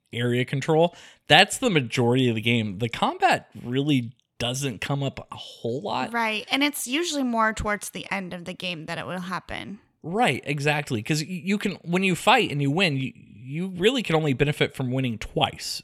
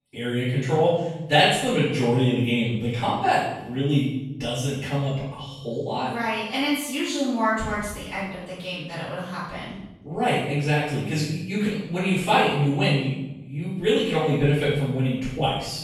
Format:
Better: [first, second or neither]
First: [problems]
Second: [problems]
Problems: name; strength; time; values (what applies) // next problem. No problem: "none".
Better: first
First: none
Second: room echo; strong; dies away in 0.9 s // off-mic speech; far